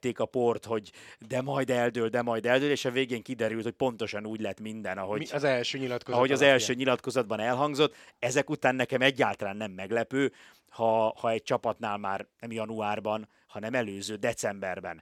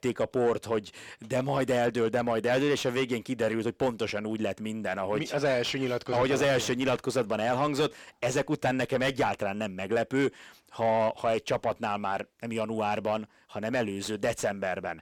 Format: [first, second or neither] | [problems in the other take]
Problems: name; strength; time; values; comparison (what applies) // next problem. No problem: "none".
first | distortion; heavy; 8 dB below the speech